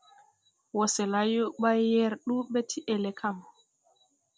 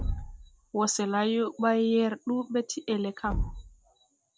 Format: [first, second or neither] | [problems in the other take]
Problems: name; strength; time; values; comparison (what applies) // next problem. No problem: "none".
first | background sound (Thump, thud); 9 dB below the speech